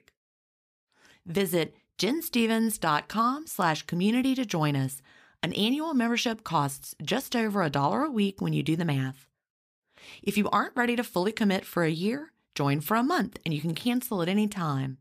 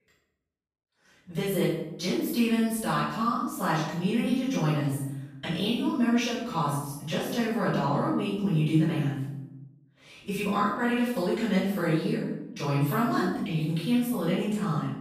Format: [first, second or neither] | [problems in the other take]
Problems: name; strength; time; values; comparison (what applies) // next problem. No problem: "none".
first | room echo; strong; dies away in 0.8 s // off-mic speech; far